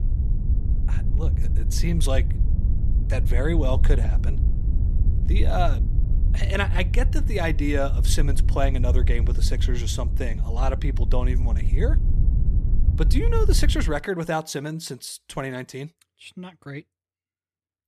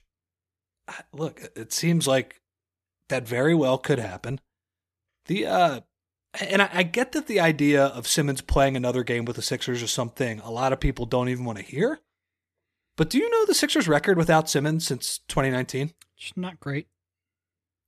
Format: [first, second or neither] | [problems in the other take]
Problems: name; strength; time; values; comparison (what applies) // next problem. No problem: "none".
second | wind noise on the microphone; occasional gusts; until 14 s; 10 dB below the speech